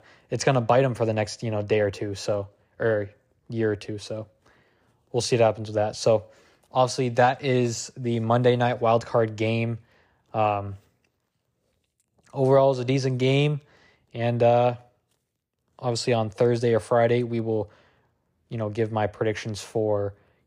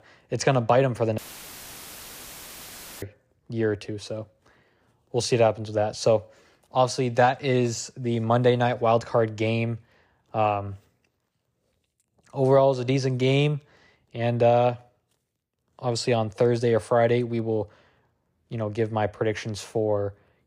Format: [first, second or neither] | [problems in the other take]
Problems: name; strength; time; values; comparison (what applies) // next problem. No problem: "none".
first | audio cutting out; filled with static; at 1 s for 2 s